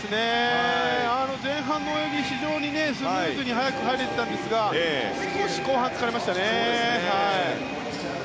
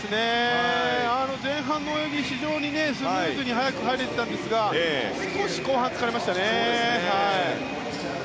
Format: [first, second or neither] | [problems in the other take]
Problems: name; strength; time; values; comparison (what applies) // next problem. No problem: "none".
second | background sound (Wind instrument, woodwind instrument); 12 dB below the speech